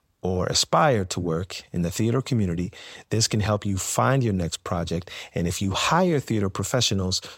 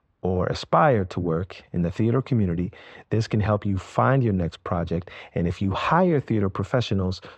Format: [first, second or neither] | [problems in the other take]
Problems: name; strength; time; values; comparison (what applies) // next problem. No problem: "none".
first | muffled; very; fading above 2 kHz